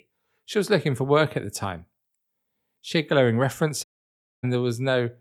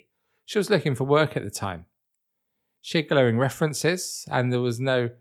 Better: second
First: audio cutting out; at 4 s for 0.5 s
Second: none

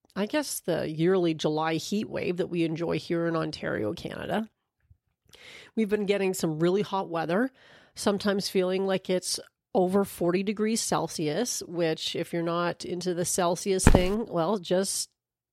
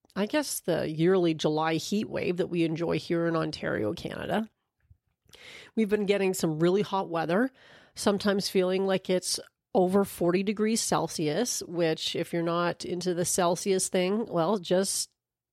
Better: second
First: footsteps; loud; at 14 s; peak 5 dB above the speech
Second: none

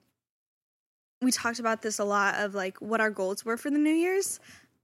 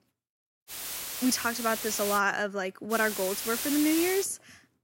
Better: first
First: none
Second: hiss; loud; from 0.5 to 2 s and from 3 to 4 s; 5 dB below the speech

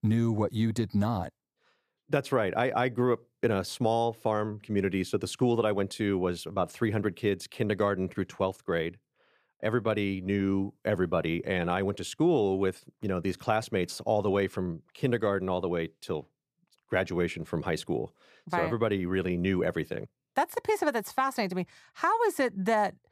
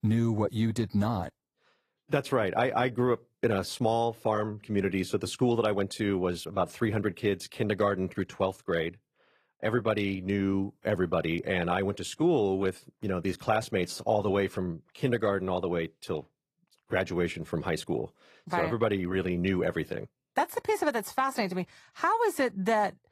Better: first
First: none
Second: garbled, watery; slightly; nothing above 14.5 kHz

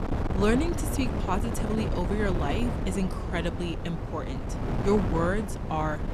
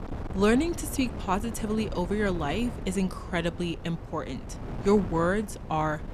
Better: second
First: wind noise on the microphone; heavy; 5 dB below the speech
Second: wind noise on the microphone; occasional gusts; 15 dB below the speech

